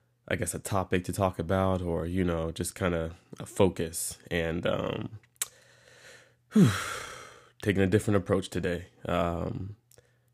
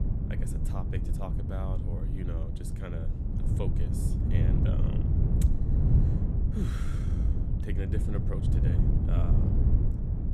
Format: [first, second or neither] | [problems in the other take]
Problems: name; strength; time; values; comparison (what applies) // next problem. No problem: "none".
first | wind noise on the microphone; heavy; 3 dB above the speech